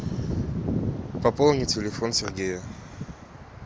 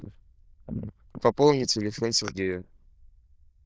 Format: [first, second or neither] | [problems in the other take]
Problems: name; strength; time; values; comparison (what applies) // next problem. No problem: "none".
first | noise reduction (neural diffusion model UNIVERSE++)